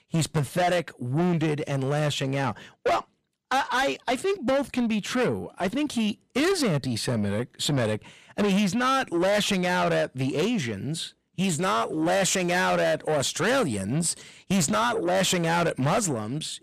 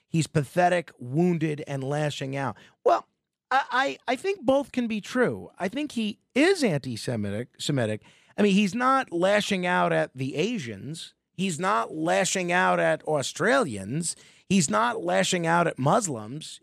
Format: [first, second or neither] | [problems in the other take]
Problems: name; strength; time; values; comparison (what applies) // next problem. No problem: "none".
second | distortion; heavy; 7 dB below the speech